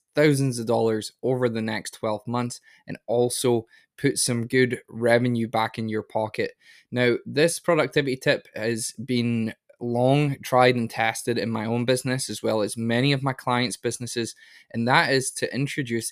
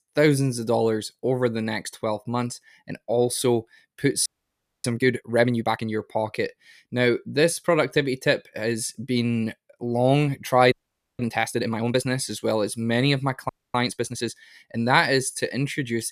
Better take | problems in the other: first | audio freezing; at 4.5 s for 0.5 s, at 11 s and at 13 s

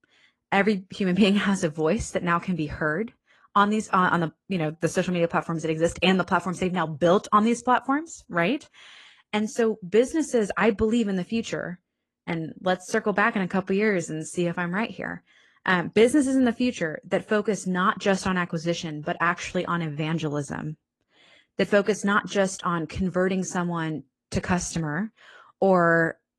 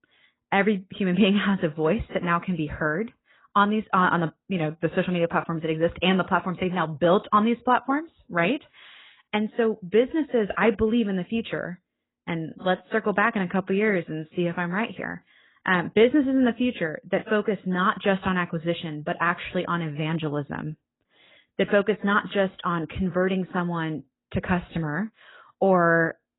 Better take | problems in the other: first | garbled, watery; badly; nothing above 3.5 kHz; slightly in the first

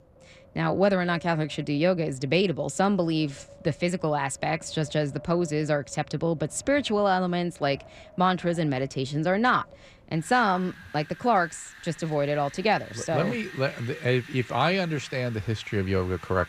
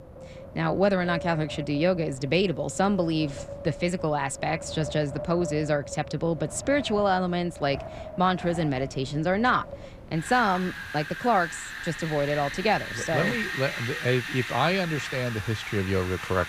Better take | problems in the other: first | wind in the background; loud; throughout; 9 dB below the speech; faint in the first

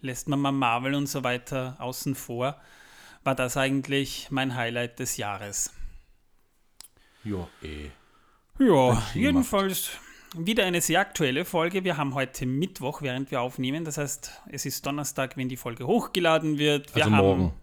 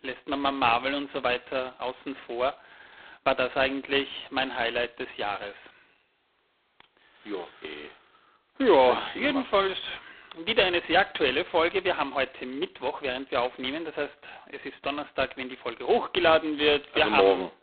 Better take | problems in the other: first | phone-call audio; poor line; nothing above 3.5 kHz

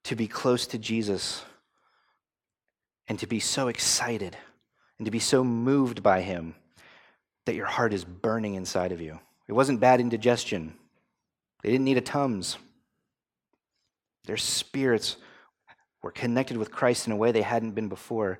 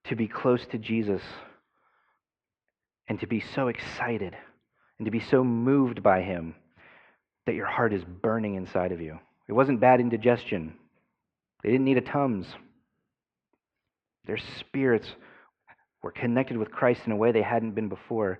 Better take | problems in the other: first | muffled; very; fading above 2.5 kHz

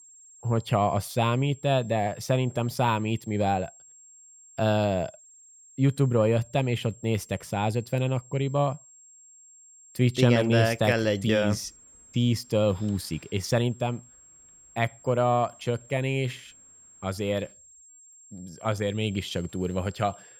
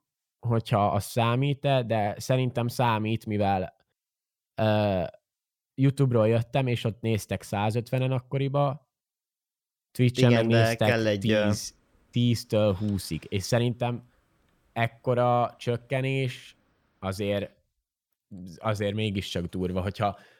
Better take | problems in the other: second | high-pitched whine; faint; throughout; 7.5 kHz, 25 dB below the speech

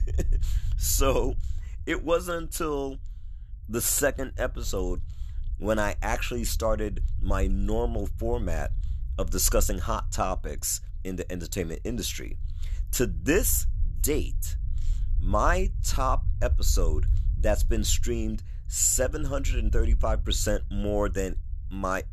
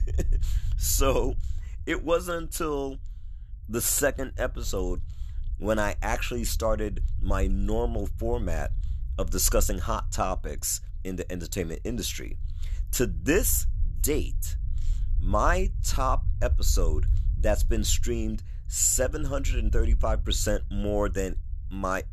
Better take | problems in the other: neither | low rumble; faint; throughout; 25 dB below the speech; the same in both

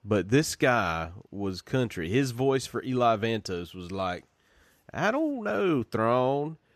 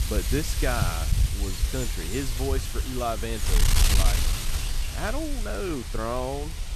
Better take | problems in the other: first | wind noise on the microphone; heavy; 1 dB below the speech

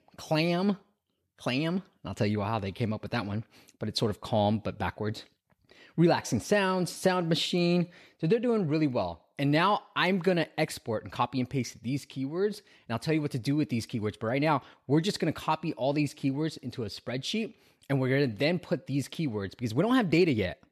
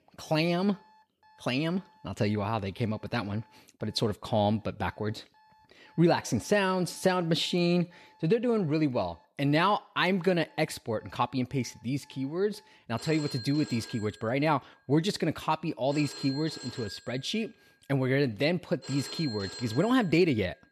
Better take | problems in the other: first | alarms or sirens; noticeable; throughout; 15 dB below the speech

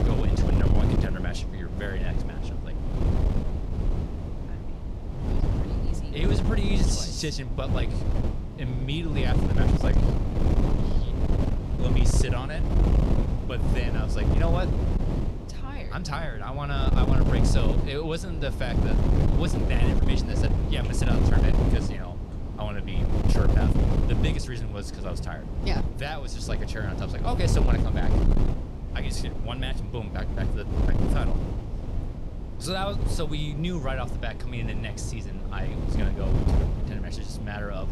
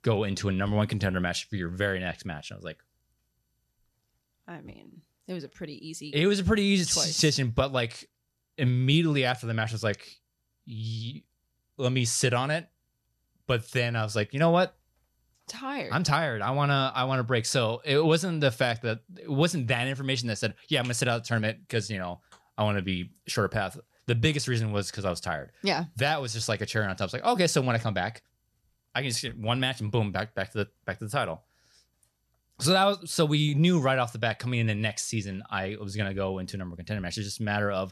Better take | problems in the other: second | wind noise on the microphone; heavy; 1 dB below the speech

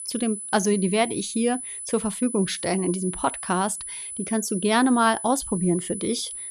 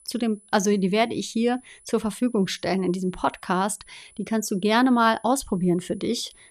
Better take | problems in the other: second | high-pitched whine; loud; throughout; 10 kHz, 8 dB below the speech; faint in the second

